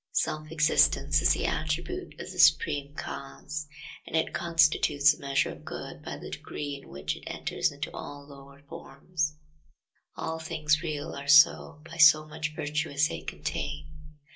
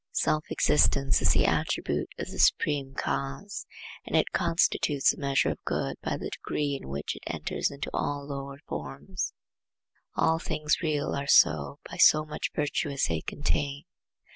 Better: second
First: room echo; dies away in 0.2 s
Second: none

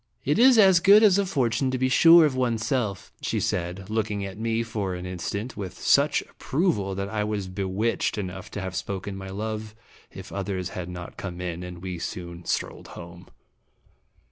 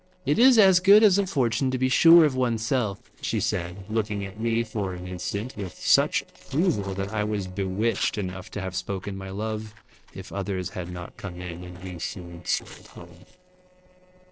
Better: first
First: none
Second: noise reduction (neural separator model SepFormer DNS4)

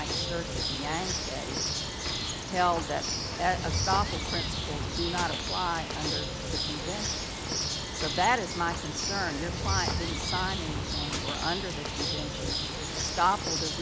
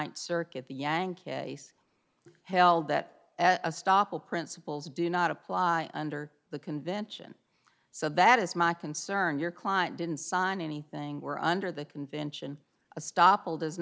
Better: second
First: background sound (Bird); 1 dB above the speech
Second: none

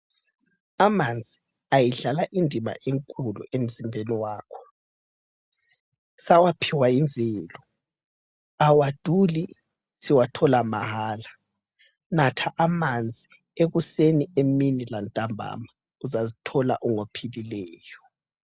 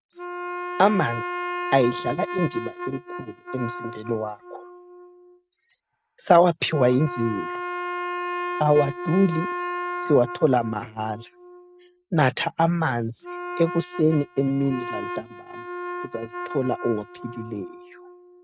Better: first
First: none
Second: noise reduction (neural mask model RNNoise)

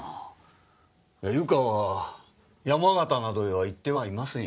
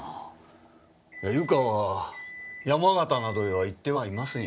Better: first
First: none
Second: background sound (Microwave oven); 17 dB below the speech

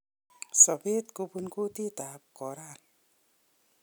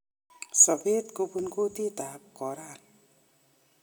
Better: first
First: none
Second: room echo; dies away in 0.4 s

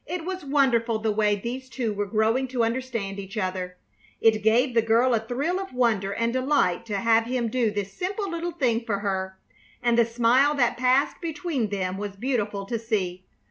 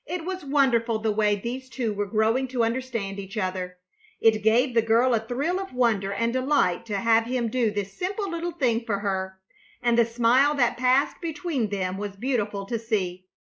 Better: first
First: none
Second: noise reduction (neural mask model Resemble Enhance denoiser)

